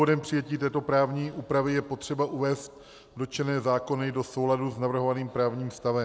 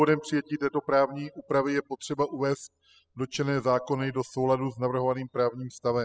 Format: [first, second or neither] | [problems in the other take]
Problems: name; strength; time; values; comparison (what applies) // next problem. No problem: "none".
first | noise reduction (classical method spectral subtraction)